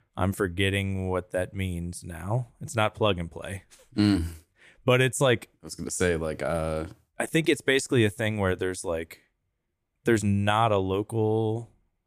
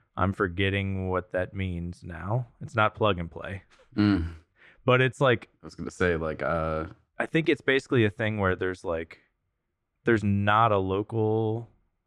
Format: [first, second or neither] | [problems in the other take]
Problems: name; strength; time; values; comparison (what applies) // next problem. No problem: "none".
first | muffled; slightly; fading above 3.5 kHz